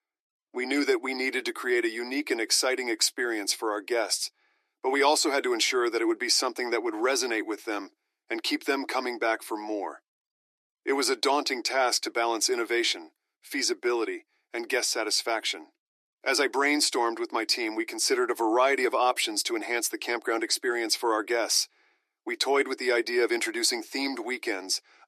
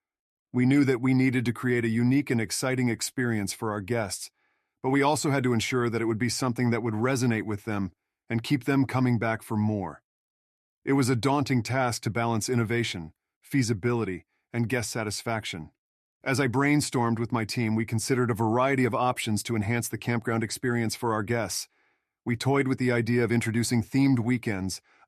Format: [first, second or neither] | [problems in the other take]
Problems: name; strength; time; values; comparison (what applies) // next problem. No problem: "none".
second | thin; very; fading below 300 Hz